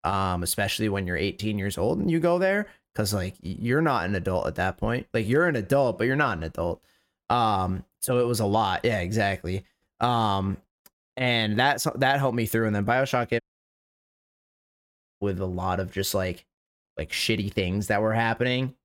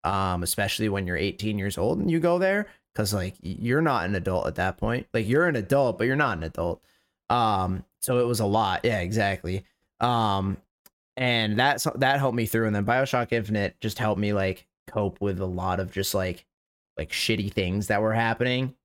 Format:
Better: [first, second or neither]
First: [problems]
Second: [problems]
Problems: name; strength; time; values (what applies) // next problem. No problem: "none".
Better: second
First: audio cutting out; at 13 s for 2 s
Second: none